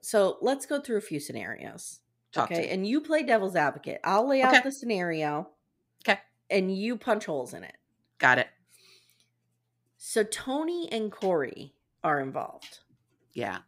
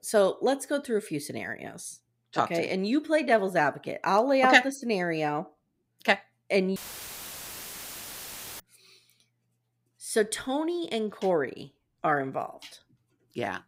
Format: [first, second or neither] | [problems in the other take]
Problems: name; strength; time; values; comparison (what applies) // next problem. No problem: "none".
first | audio cutting out; filled with static; at 7 s for 2 s